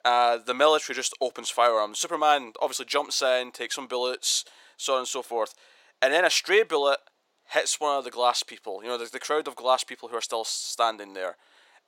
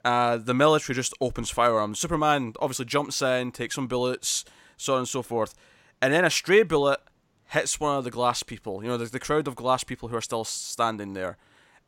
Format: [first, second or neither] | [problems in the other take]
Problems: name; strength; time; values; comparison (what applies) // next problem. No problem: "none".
second | thin; somewhat; fading below 400 Hz